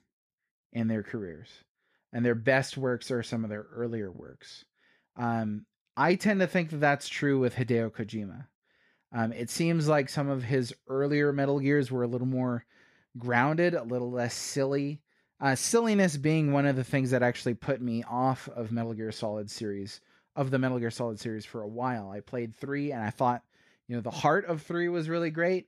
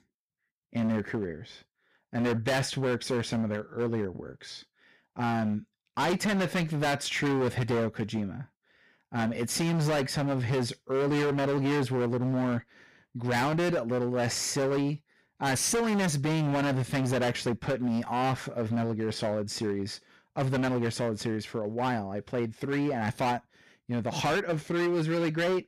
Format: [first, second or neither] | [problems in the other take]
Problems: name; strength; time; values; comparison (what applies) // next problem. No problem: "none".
first | distortion; heavy; 20% of the sound clipped